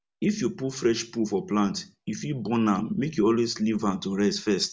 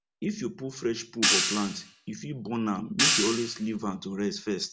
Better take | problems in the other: first | background sound (Hi-hat); 2 dB above the speech

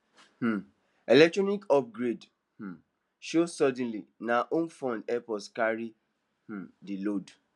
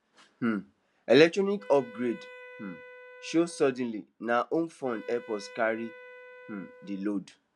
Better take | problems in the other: first | background sound (Wind instrument, woodwind instrument); 20 dB below the speech

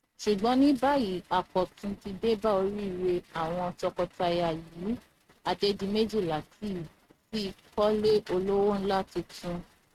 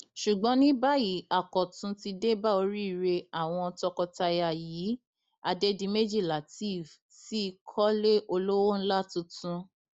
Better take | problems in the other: second | noise reduction (neural mask model RNNoise)

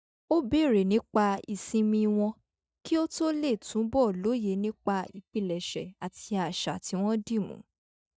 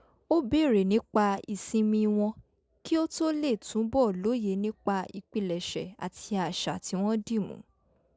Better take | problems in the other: second | noise reduction (neural mask model DeepFilterNet 3)

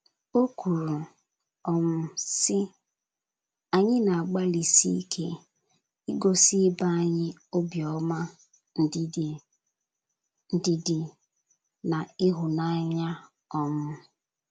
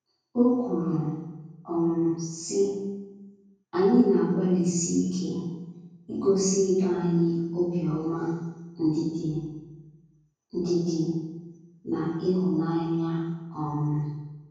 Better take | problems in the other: first | room echo; dies away in 1.3 s

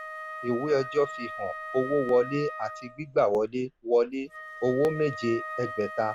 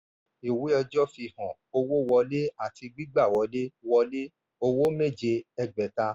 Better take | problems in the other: second | background sound (Wind instrument, woodwind instrument); 11 dB below the speech

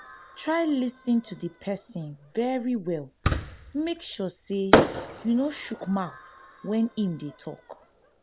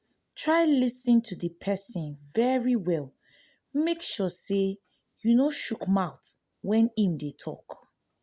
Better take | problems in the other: second | background sound (Fireworks); 2 dB below the speech

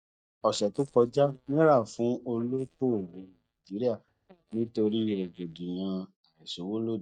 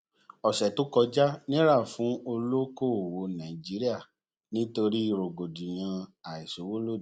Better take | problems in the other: second | noise reduction (neural mask model DeepFilterNet 3)

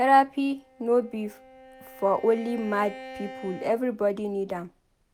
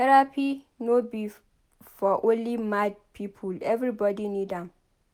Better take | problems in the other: second | background sound (Bowed string instrument); 19 dB below the speech

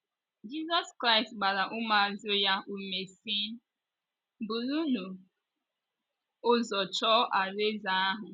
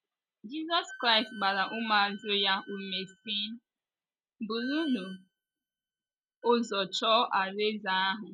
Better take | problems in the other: first | noise reduction (neural mask model RNNoise)

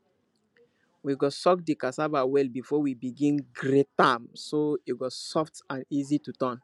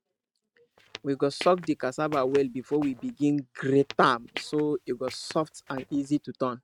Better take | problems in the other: first | noise reduction (neural mask model RNNoise)

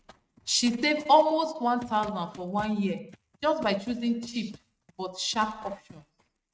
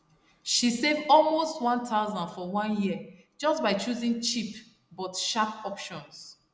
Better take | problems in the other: second | noise reduction (neural mask model RNNoise)

